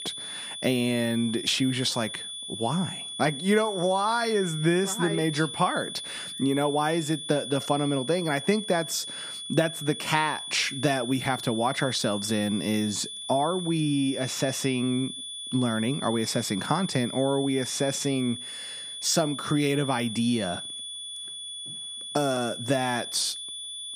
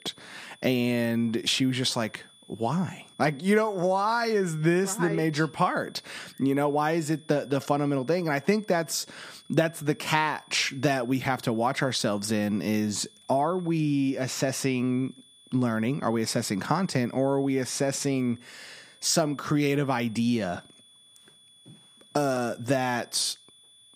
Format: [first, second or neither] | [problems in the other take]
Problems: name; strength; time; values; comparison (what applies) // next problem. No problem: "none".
second | high-pitched whine; loud; throughout; 3.5 kHz, 8 dB below the speech; faint in the second